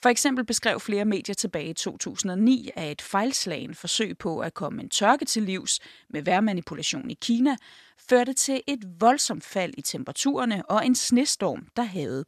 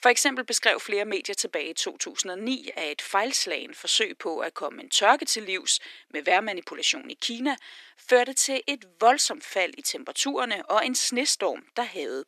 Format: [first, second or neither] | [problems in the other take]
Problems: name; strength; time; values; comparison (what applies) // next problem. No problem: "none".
first | thin; somewhat; fading below 300 Hz